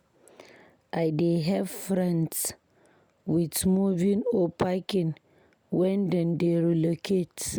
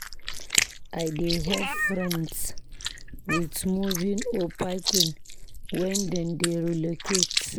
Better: first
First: none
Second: noise reduction (neural mask model Resemble Enhance denoiser)

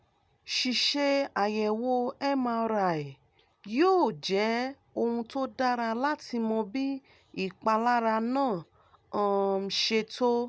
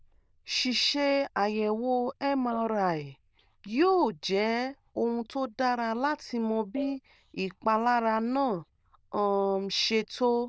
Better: first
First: none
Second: noise reduction (neural diffusion model UNIVERSE++)

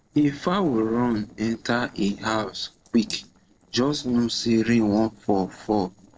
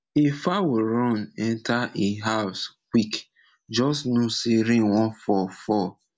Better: second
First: noise reduction (neural separator model SepFormer DNS4)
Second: none

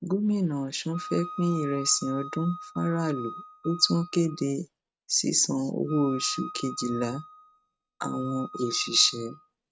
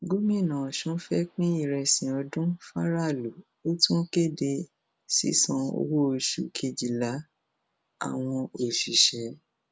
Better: second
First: noise reduction (neural mask model RNNoise)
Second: none

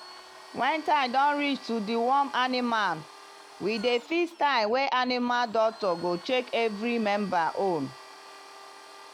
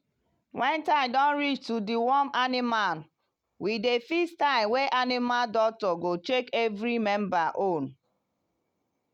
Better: second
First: background sound (Domestic sounds, home sounds); 19 dB below the speech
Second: none

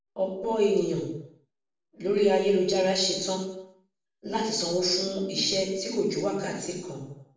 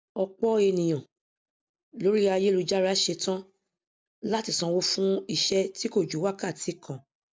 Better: second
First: room echo; dies away in 0.7 s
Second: none

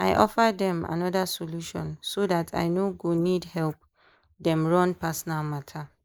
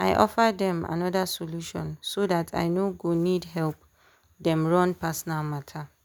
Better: second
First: noise reduction (neural mask model Resemble Enhance denoiser)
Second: none

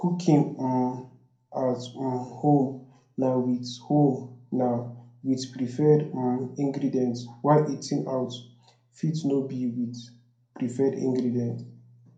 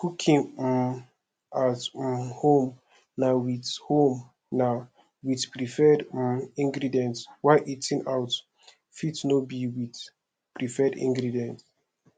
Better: second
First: room echo; dies away in 0.5 s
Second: none

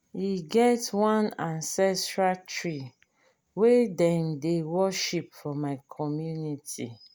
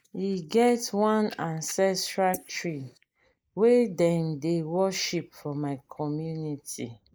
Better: first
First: none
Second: noise reduction (neural mask model Resemble Enhance denoiser)

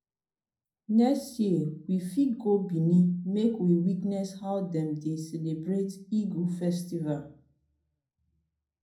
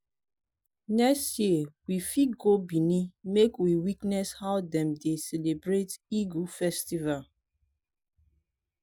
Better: second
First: room echo; dies away in 0.6 s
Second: none

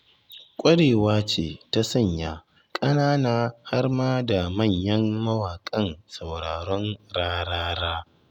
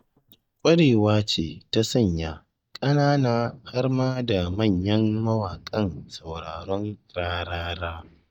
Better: first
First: none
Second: noise reduction (neural mask model DeepFilterNet 3)

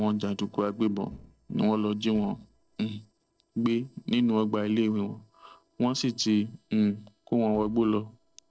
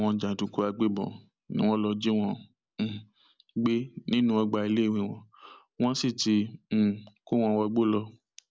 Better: second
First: noise reduction (neural separator model SepFormer DNS4)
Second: none

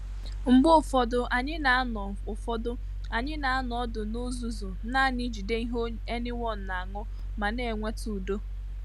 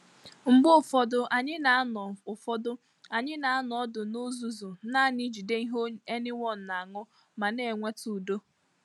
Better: second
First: background sound (Mechanical fan); 6 dB below the speech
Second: none

